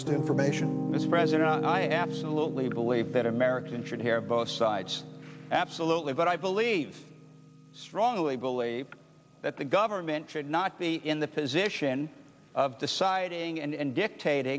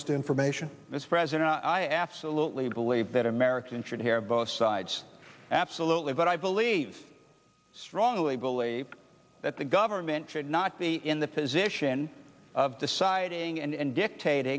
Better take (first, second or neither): second